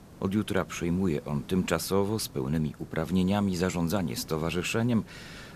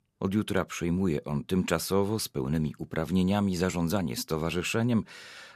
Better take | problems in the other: second | hiss; noticeable; throughout; 20 dB below the speech

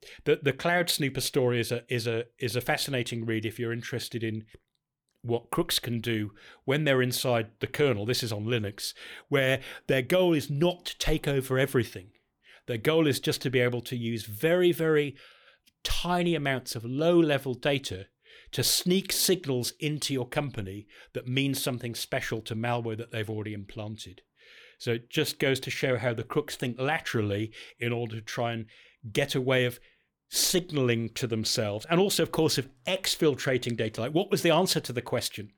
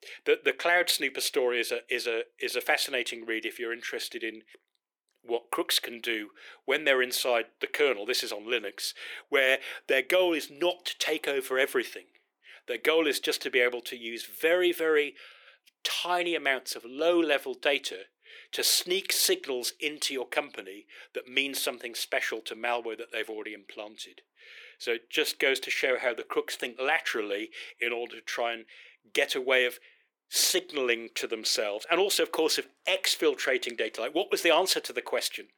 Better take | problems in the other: first | thin; very; fading below 350 Hz

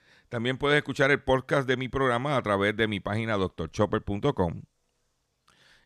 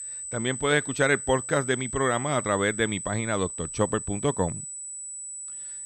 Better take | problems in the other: first | high-pitched whine; loud; throughout; 8 kHz, 7 dB below the speech

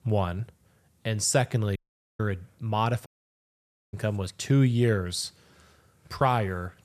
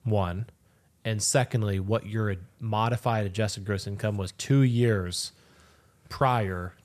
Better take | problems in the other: second | audio cutting out; at 2 s and at 3 s for 1 s

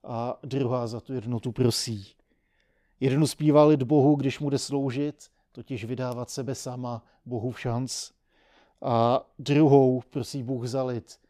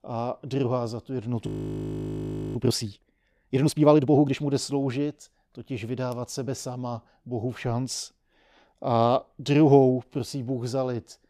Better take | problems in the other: first | audio freezing; at 1.5 s for 1 s

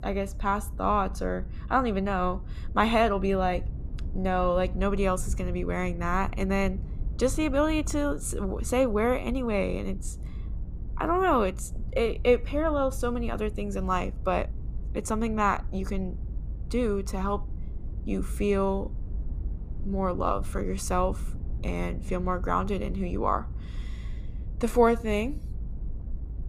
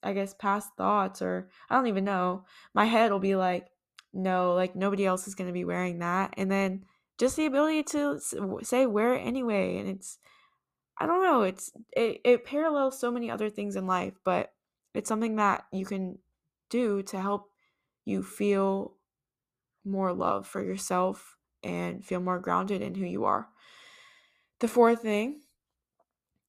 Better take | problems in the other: second | low rumble; faint; throughout; 25 dB below the speech

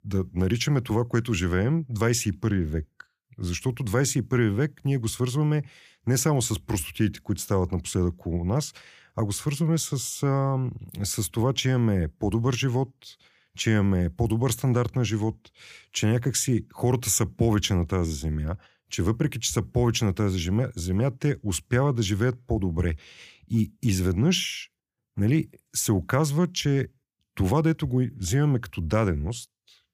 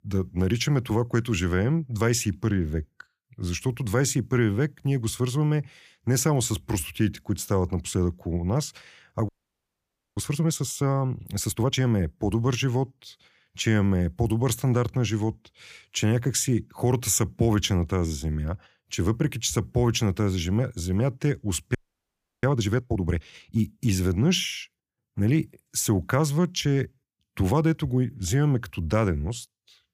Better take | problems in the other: first | audio freezing; at 9.5 s for 1 s and at 22 s for 0.5 s

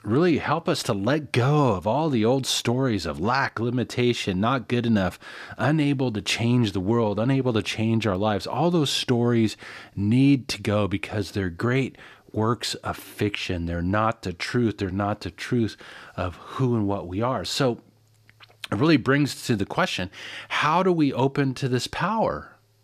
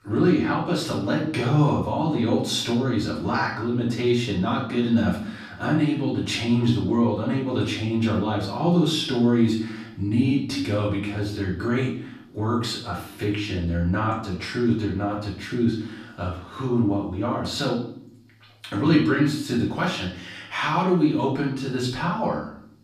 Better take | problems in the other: first | room echo; noticeable; dies away in 0.5 s // off-mic speech; far

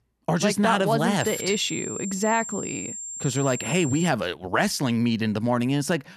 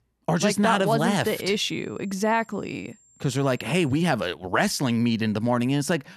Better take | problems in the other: second | high-pitched whine; loud; from 1 to 4 s; 7.5 kHz, 8 dB below the speech; faint in the second

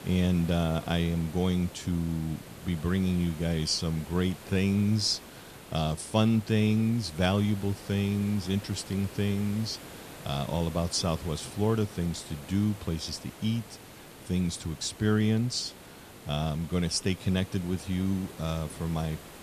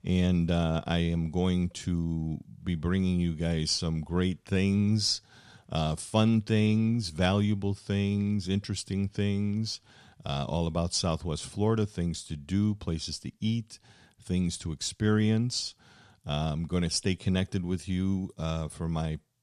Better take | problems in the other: second | hiss; noticeable; throughout; 15 dB below the speech

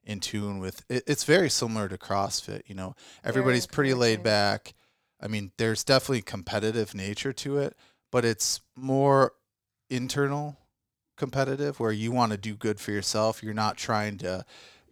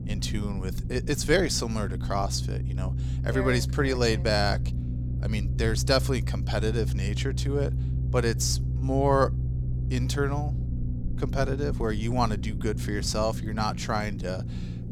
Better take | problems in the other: first | low rumble; noticeable; throughout; 15 dB below the speech

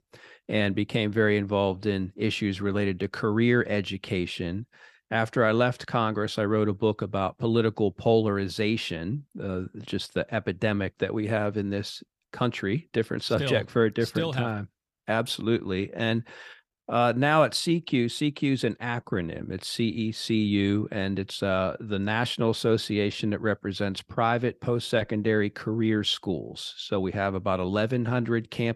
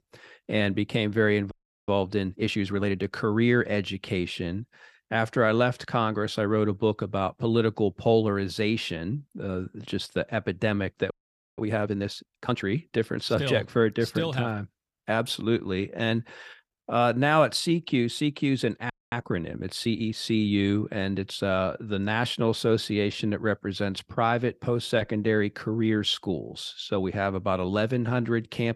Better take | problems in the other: first | audio freezing; at 1.5 s, at 11 s and at 19 s

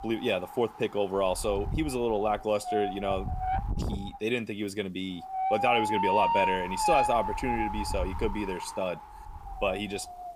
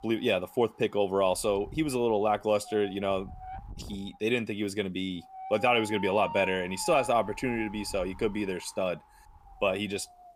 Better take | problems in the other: second | wind noise on the microphone; heavy; 1 dB above the speech; occasional gusts in the second

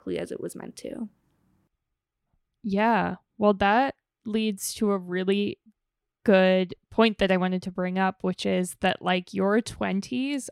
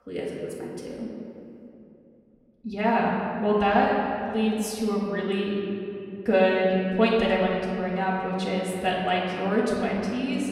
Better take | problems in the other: first | room echo; noticeable; dies away in 2.6 s // off-mic speech; far

